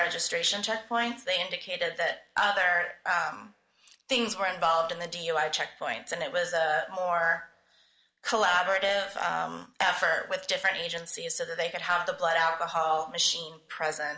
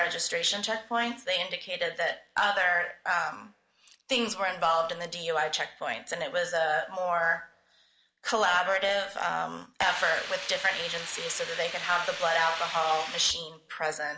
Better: first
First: none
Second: background sound (Hiss); 8 dB below the speech

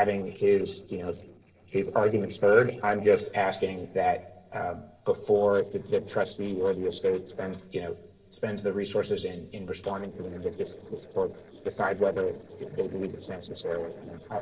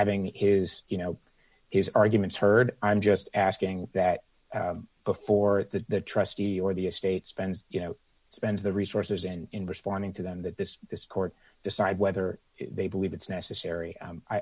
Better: second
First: noise reduction (neural separator model SepFormer DNS4)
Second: none

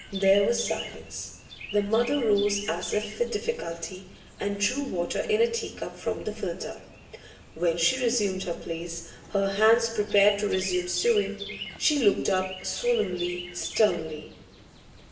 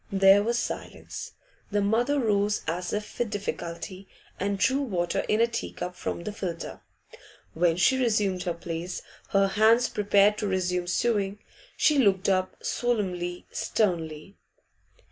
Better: second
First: background sound (Chirp, tweet); 15 dB below the speech // room echo; dies away in 0.8 s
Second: none

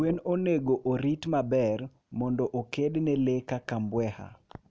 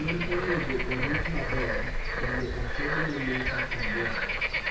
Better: first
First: none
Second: background sound (Bird / Frog); 4 dB above the speech // room echo; dies away in 0.5 s

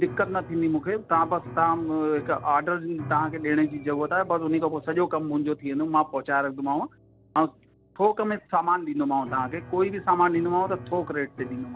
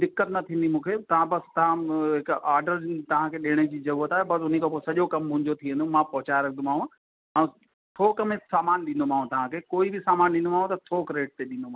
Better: second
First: background sound (Piano); 17 dB below the speech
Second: none

